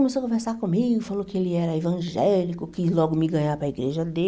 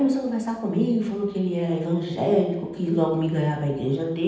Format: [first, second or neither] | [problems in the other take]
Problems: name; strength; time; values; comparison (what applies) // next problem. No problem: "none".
first | room echo; dies away in 0.9 s